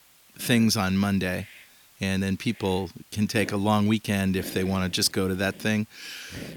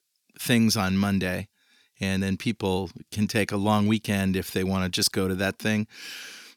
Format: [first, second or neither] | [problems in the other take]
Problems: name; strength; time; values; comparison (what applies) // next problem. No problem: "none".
second | hiss; faint; throughout; 20 dB below the speech